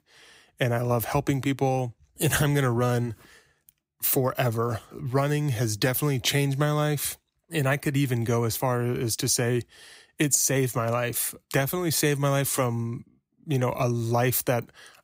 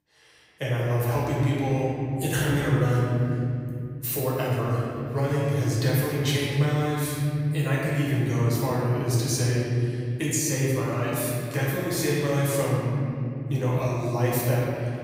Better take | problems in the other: first | room echo; strong; dies away in 3 s // off-mic speech; far

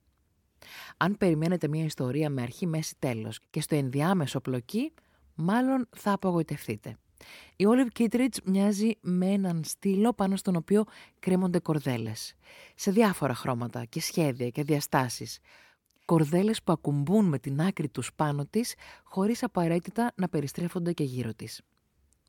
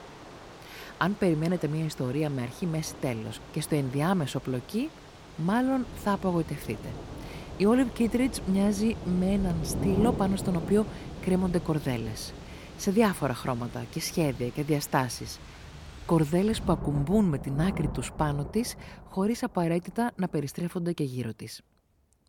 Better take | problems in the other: first | rain or running water; noticeable; throughout; 10 dB below the speech

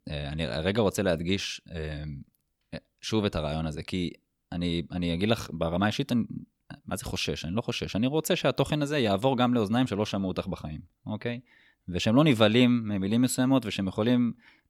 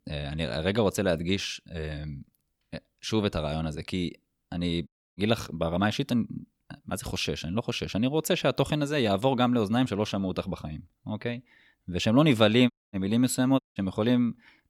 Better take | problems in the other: first | audio cutting out; at 5 s, at 13 s and at 14 s

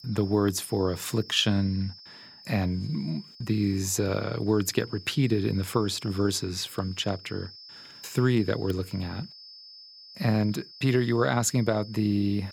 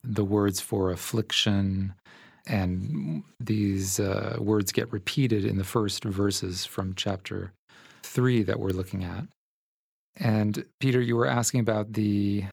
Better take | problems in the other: second | high-pitched whine; noticeable; throughout; 5 kHz, 20 dB below the speech

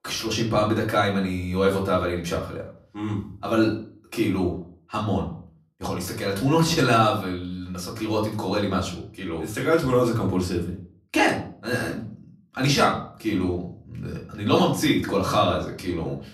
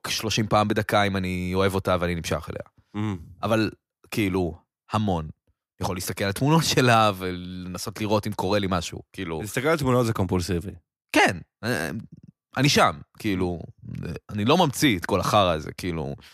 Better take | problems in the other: second | off-mic speech; far // room echo; slight; dies away in 0.4 s

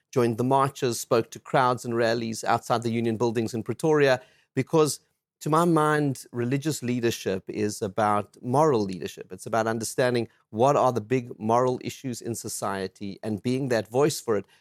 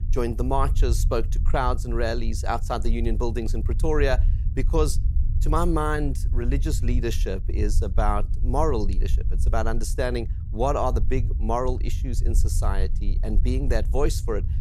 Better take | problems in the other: first | low rumble; noticeable; throughout; 20 dB below the speech

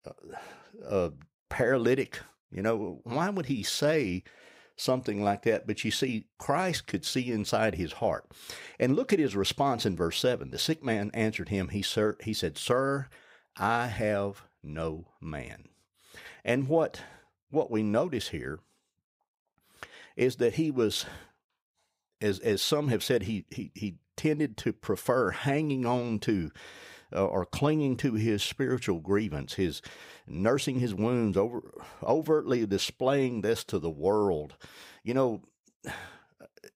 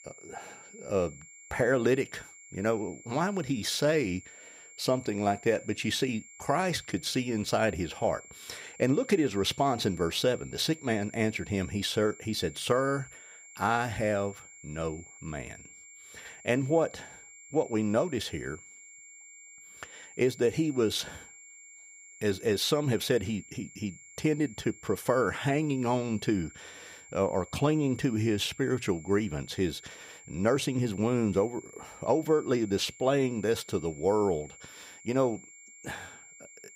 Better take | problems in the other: first | high-pitched whine; noticeable; throughout; 2 kHz, 20 dB below the speech

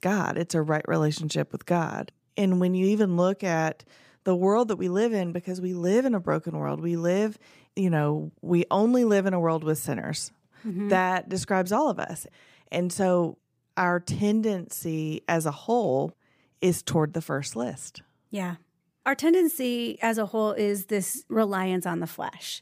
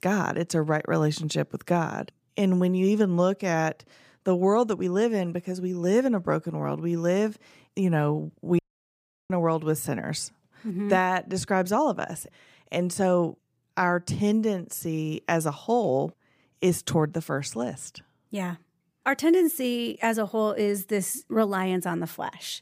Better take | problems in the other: first | audio cutting out; at 8.5 s for 0.5 s

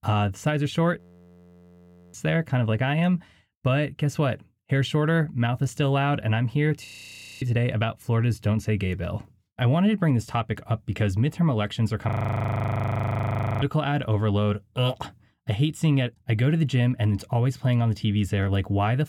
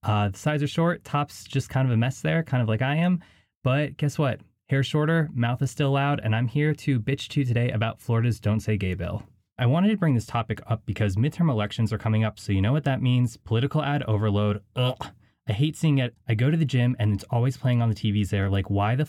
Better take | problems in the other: second | audio freezing; at 1 s for 1 s, at 7 s for 0.5 s and at 12 s for 1.5 s

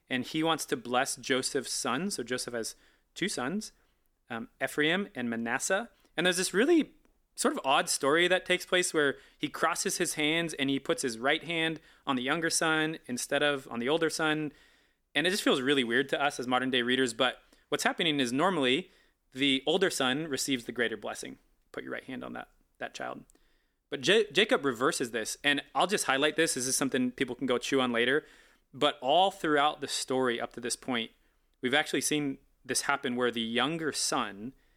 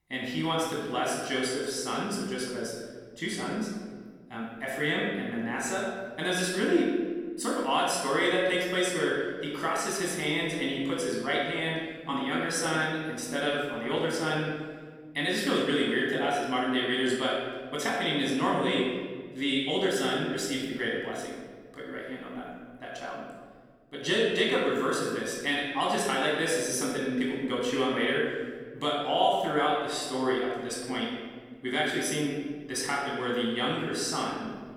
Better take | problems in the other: first | off-mic speech; far // room echo; noticeable; dies away in 1.5 s

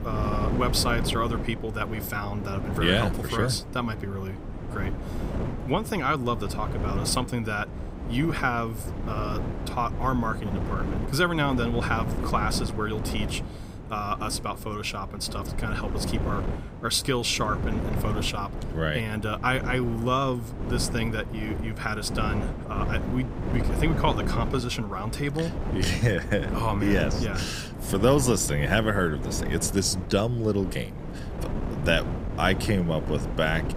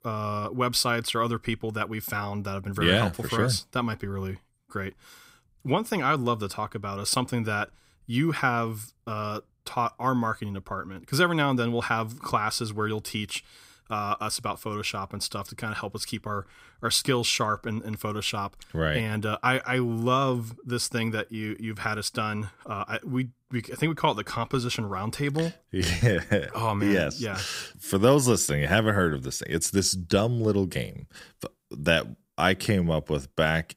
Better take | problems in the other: second | wind noise on the microphone; heavy; 10 dB below the speech

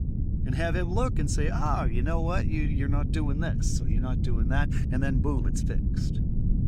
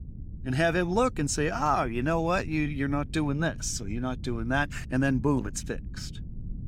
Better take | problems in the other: second | low rumble; loud; throughout; 7 dB below the speech; faint in the second

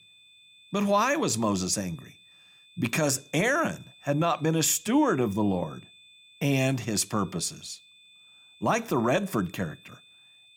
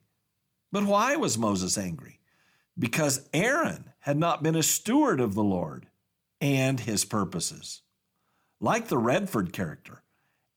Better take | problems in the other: second | high-pitched whine; faint; throughout; 3.5 kHz, 25 dB below the speech

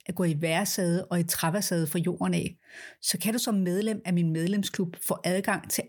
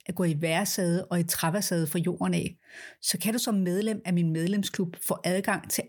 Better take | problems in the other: neither | none

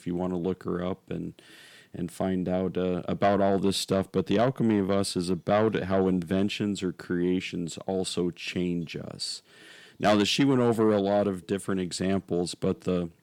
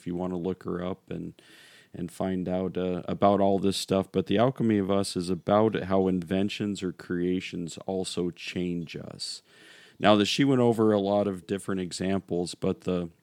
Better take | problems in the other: second | distortion; slight; 10 dB below the speech

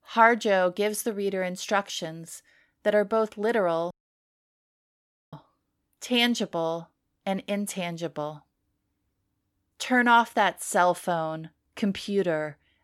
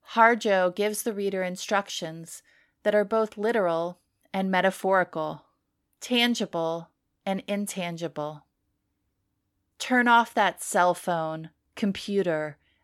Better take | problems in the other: second | audio cutting out; at 4 s for 1.5 s

